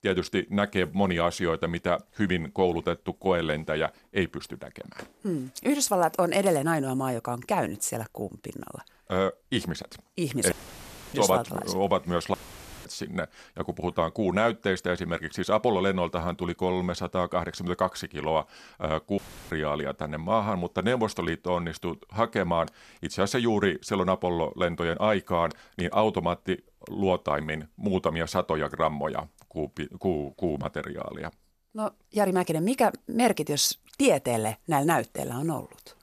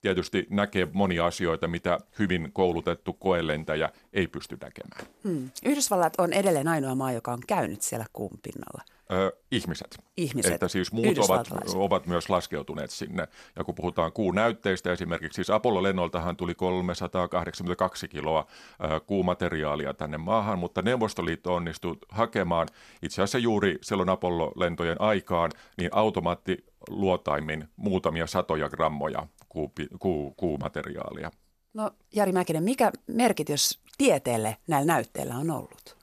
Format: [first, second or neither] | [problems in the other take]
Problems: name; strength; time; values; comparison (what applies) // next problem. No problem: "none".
second | audio cutting out; filled with static; at 11 s for 0.5 s, at 12 s for 0.5 s and at 19 s